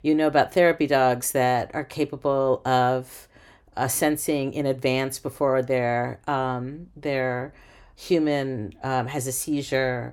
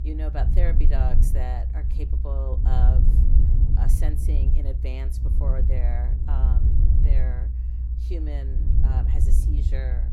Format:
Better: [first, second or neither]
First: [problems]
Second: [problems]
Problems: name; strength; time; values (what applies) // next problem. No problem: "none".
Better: first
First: none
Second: low rumble; loud; throughout; 2 dB below the speech